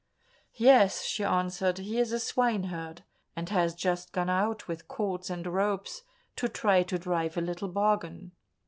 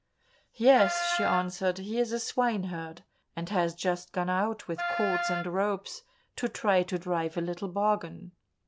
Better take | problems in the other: first | background sound (Wind instrument, woodwind instrument); 4 dB below the speech

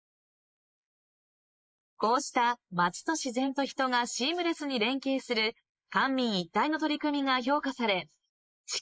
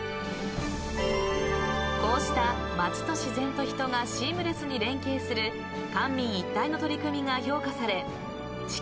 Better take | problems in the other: second | noise reduction (neural mask model Resemble Enhance denoiser)

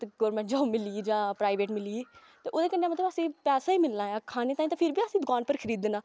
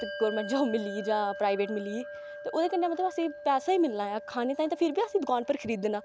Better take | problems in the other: first | background sound (Bell); 13 dB below the speech

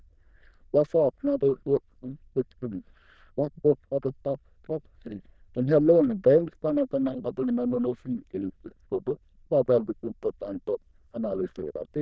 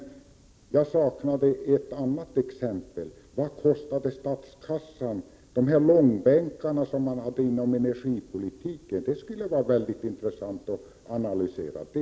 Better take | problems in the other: second | noise reduction (neural diffusion model UNIVERSE++)

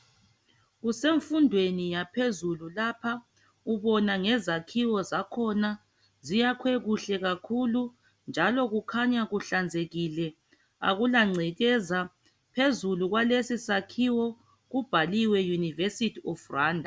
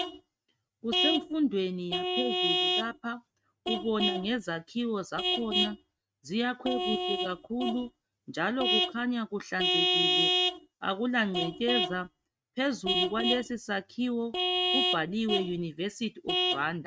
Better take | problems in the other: first | noise reduction (neural mask model RNNoise)

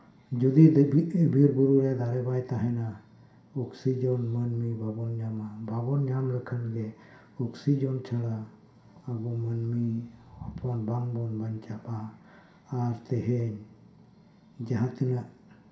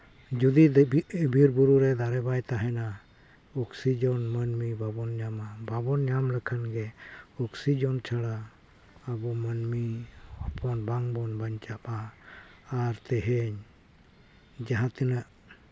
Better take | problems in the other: second | room echo; dies away in 0.5 s

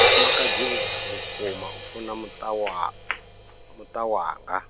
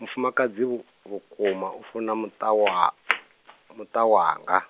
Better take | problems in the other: second | background sound (Crash cymbal); 5 dB above the speech

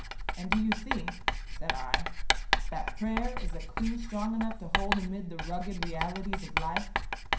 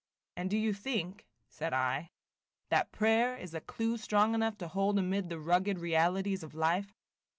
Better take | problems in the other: second | background sound (Writing); 4 dB above the speech // room echo; dies away in 0.5 s

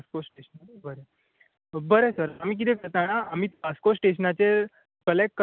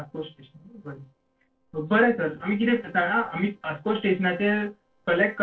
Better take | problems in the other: first | noise reduction (neural separator model SepFormer DNS4)

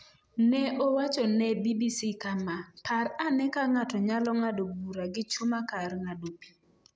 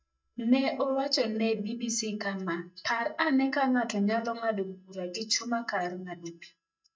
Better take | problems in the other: first | noise reduction (neural mask model DeepFilterNet 3)

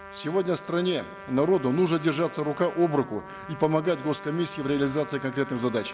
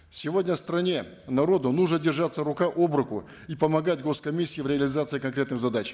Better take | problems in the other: second | background sound (Trumpet); 15 dB below the speech

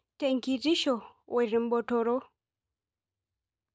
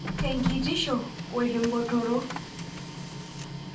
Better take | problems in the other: first | background sound (Printer); 4 dB below the speech // room echo; dies away in 0.3 s

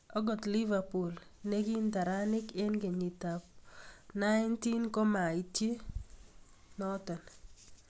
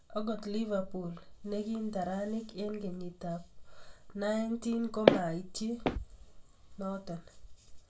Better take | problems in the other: first | background sound (Walk, footsteps); 3 dB above the speech // room echo; dies away in 0.2 s

